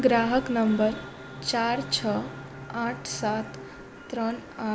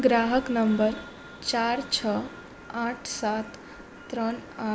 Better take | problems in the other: second | background sound (Bowed string instrument); 16 dB below the speech

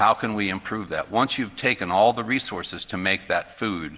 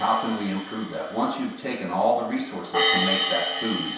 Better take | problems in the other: first | background sound (Hi-hat); 2 dB below the speech // room echo; dies away in 0.7 s

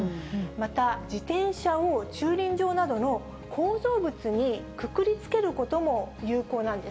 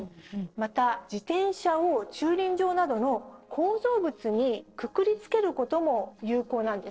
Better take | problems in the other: first | noise reduction (neural separator model SepFormer DNS4)

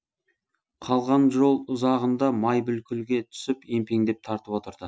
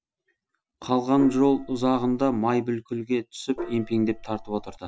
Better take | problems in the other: first | background sound (Gong); 13 dB below the speech

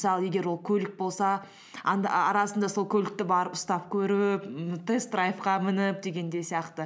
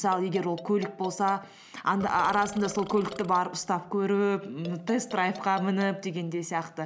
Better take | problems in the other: first | background sound (Burping, eructation + Marimba, xylophone); 17 dB below the speech

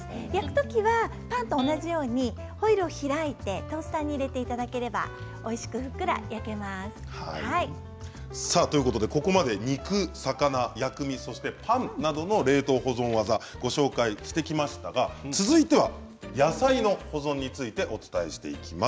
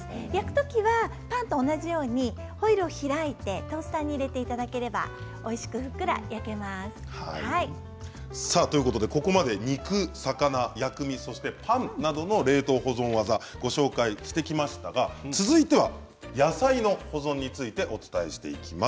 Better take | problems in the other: second | background sound (Electric guitar); 14 dB below the speech

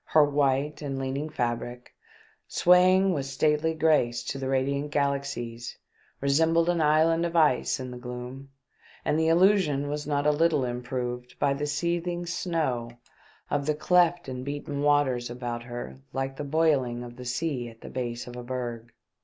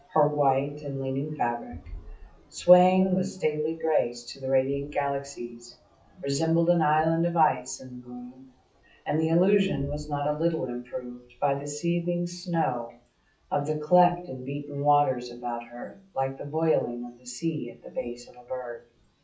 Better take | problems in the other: first | noise reduction (classical method WPE with log-MMSE)

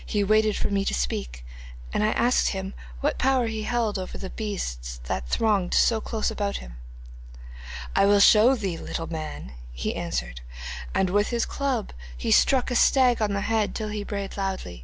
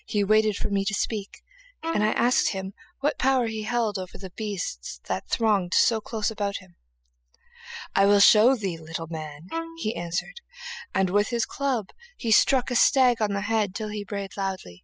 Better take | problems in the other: first | noise reduction (classical method spectral subtraction)

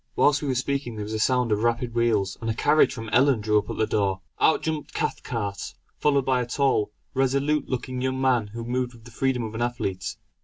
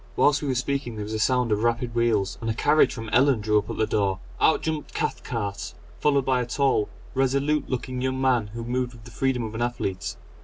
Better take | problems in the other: first | background sound (Mechanisms); 16 dB below the speech

